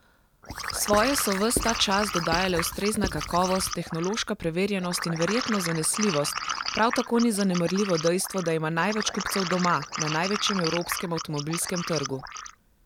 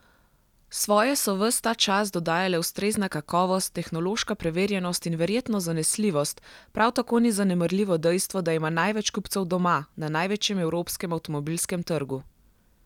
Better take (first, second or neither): second